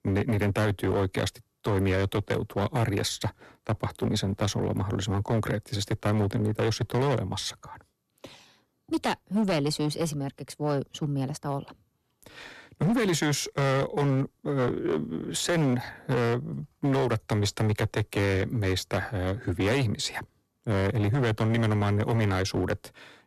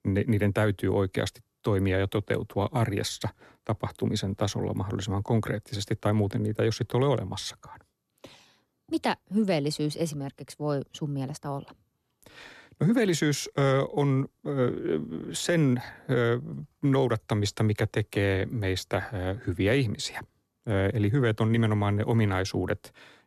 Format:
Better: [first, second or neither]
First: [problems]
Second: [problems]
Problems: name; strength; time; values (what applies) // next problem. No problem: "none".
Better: second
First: distortion; slight; 12% of the sound clipped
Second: none